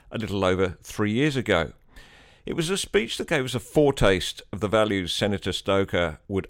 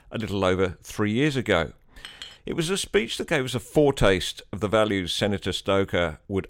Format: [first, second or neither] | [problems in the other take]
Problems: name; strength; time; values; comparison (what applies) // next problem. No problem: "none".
first | clattering dishes; faint; at 2 s; peak 15 dB below the speech